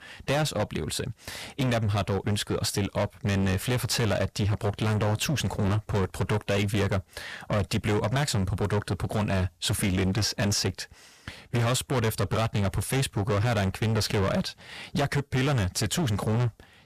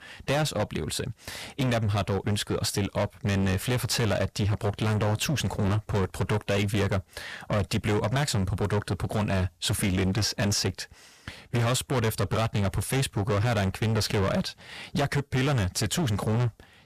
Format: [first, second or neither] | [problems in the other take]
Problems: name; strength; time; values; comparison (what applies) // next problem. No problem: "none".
neither | distortion; heavy; 22% of the sound clipped; the same in both